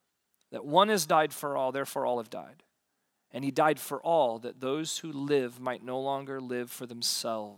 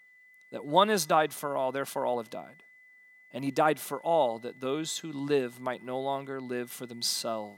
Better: first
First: none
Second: high-pitched whine; faint; throughout; 2 kHz, 25 dB below the speech

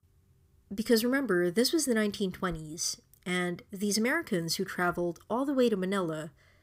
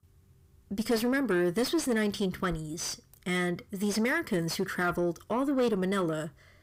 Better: first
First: none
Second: distortion; slight; 10 dB below the speech

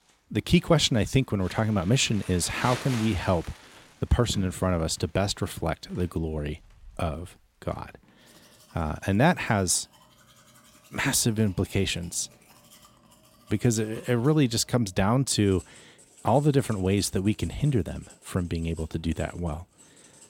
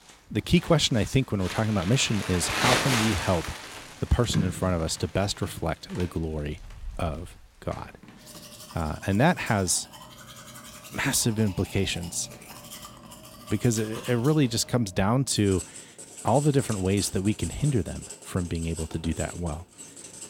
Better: first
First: household noises; faint; throughout; 20 dB below the speech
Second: household noises; loud; throughout; 9 dB below the speech

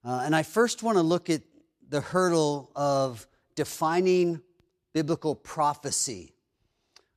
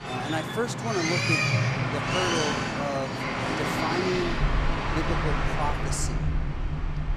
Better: first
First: none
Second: train or aircraft noise; very loud; throughout; 5 dB above the speech

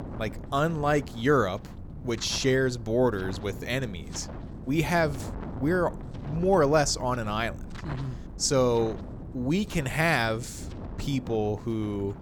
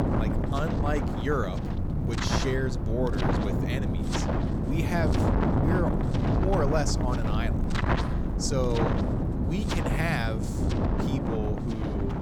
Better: first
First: wind noise on the microphone; occasional gusts; 20 dB below the speech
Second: wind noise on the microphone; heavy; as loud as the speech

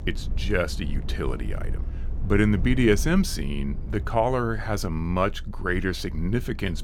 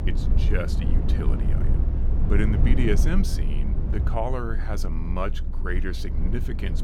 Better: first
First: low rumble; faint; throughout; 20 dB below the speech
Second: low rumble; loud; throughout; 6 dB below the speech

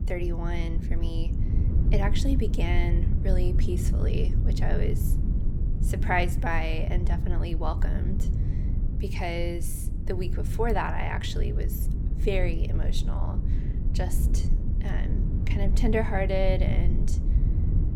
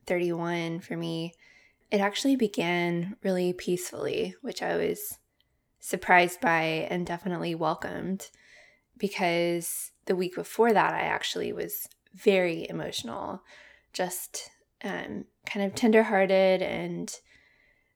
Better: second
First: low rumble; loud; throughout; 9 dB below the speech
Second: none

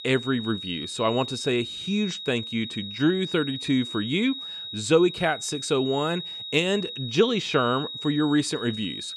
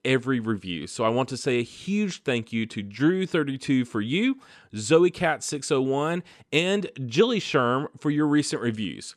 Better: second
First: high-pitched whine; loud; throughout; 4 kHz, 8 dB below the speech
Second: none

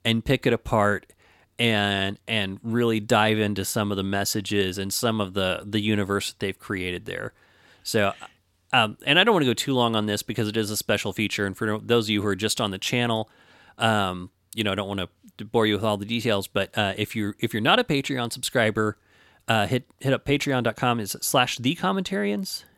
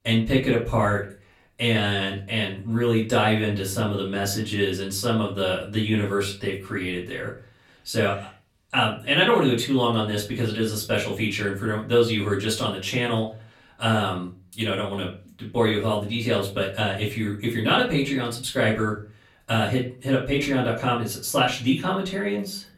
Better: first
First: none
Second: off-mic speech; far // room echo; slight; dies away in 0.3 s

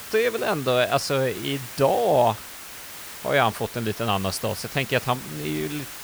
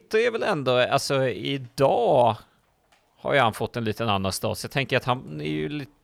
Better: second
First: hiss; noticeable; throughout; 10 dB below the speech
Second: none

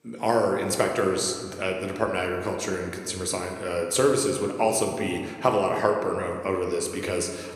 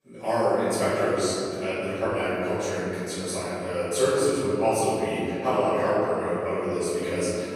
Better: first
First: room echo; slight; dies away in 1.5 s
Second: room echo; strong; dies away in 2.8 s // off-mic speech; far

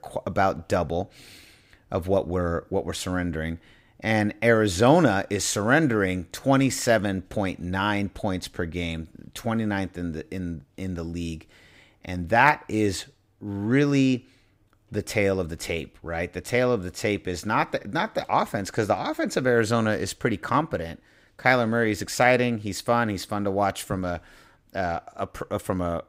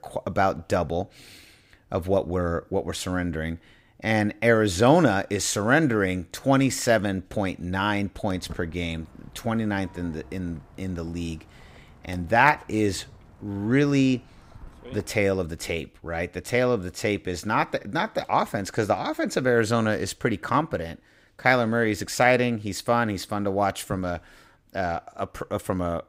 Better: first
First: none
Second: footsteps; faint; from 8.5 to 15 s; peak 15 dB below the speech

